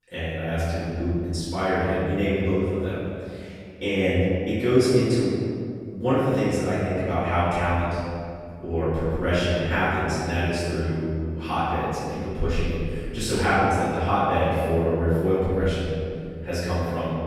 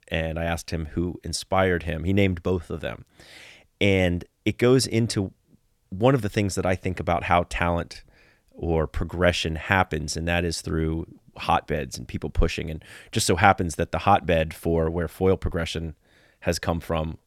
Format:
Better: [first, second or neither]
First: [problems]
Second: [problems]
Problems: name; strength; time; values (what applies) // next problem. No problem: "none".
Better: second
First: room echo; strong; dies away in 2.1 s // off-mic speech; far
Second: none